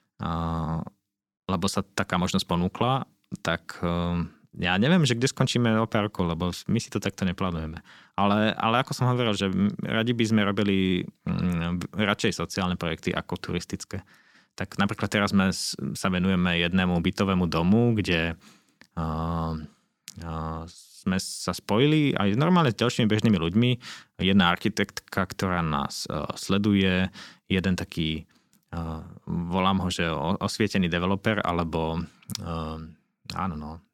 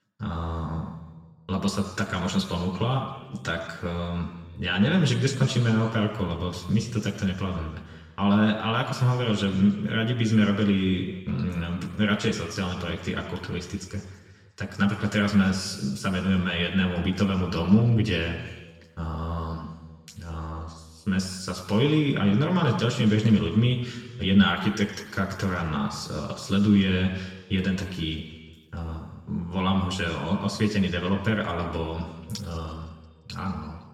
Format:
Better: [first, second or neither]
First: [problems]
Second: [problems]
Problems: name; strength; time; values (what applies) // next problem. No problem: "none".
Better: first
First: none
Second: room echo; noticeable; dies away in 1.2 s // off-mic speech; far